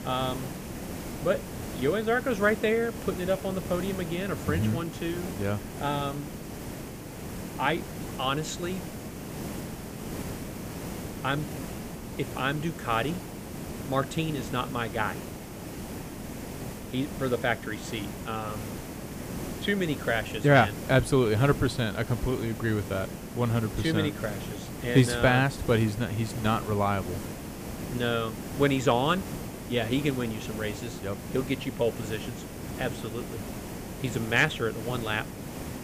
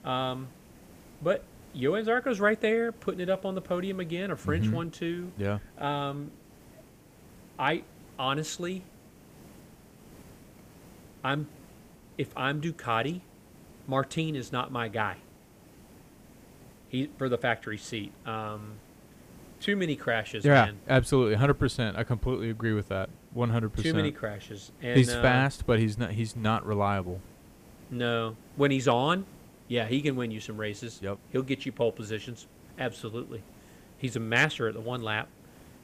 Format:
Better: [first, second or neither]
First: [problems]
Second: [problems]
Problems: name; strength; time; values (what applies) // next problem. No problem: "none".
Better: second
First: hiss; loud; throughout; 9 dB below the speech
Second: hiss; faint; throughout; 25 dB below the speech